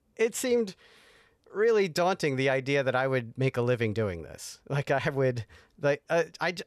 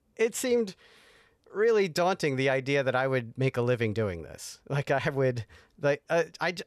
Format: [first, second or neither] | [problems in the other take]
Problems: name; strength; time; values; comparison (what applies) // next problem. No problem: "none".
neither | none